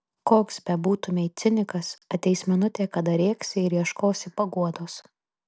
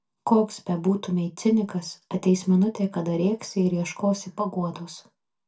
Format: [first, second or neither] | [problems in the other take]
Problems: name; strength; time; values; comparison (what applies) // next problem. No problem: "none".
first | room echo; dies away in 0.2 s